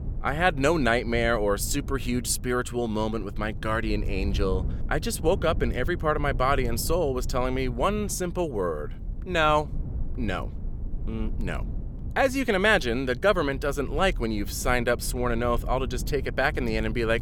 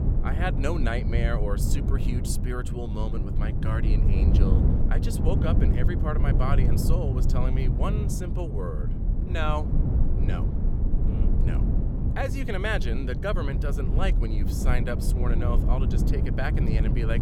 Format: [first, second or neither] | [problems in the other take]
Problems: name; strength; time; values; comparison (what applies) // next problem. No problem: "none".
first | low rumble; loud; throughout; 4 dB below the speech; faint in the first